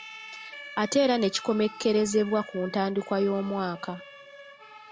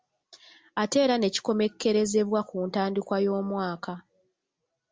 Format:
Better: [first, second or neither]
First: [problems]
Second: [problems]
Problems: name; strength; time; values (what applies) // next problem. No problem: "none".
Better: second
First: background sound (Siren); 17 dB below the speech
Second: none